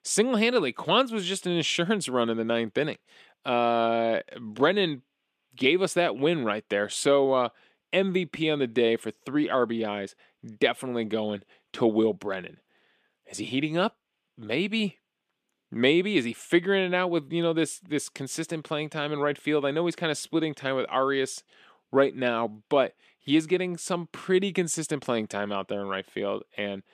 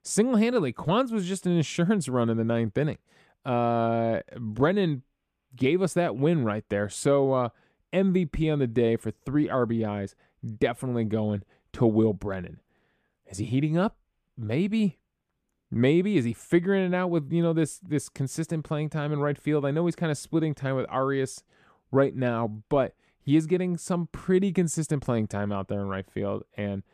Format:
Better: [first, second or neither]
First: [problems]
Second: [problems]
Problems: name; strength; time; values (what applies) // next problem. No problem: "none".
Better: second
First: thin; very slightly; fading below 250 Hz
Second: none